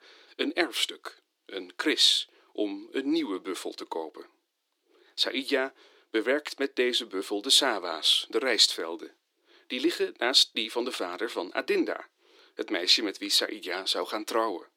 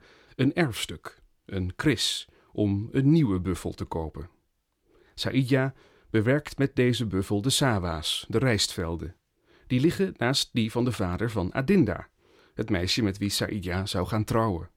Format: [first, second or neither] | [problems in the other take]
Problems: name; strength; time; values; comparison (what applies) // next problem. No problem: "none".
second | thin; somewhat; fading below 300 Hz